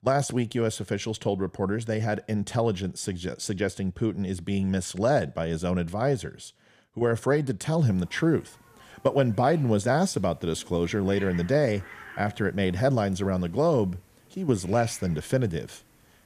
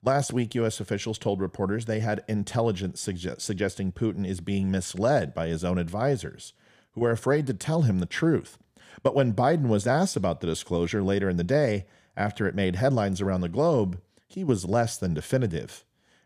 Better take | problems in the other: second | hiss; faint; from 8 s on; 25 dB below the speech

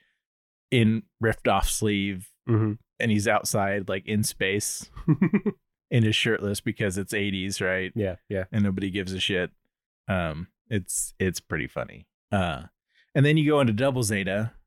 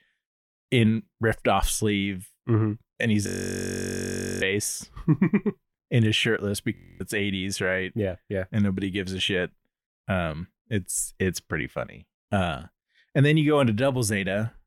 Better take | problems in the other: first | audio freezing; at 3.5 s for 1 s and at 7 s

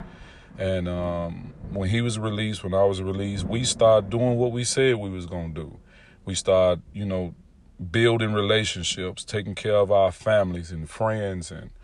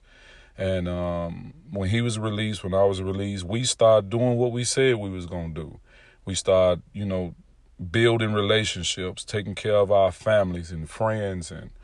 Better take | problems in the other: second | rain or running water; faint; throughout; 20 dB below the speech

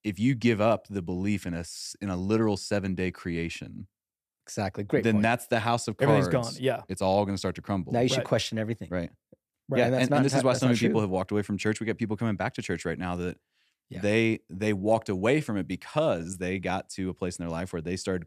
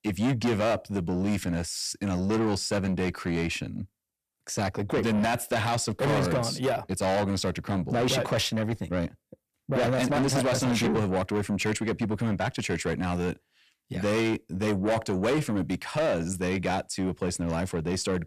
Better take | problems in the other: first | distortion; heavy; 6 dB below the speech

